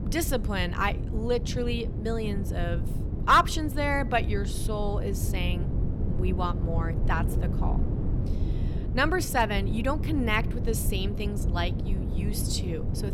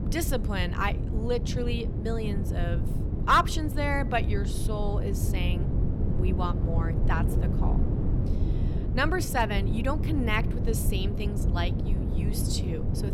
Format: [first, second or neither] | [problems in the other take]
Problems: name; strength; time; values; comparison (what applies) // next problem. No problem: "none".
first | wind noise on the microphone; heavy; 9 dB below the speech; occasional gusts in the first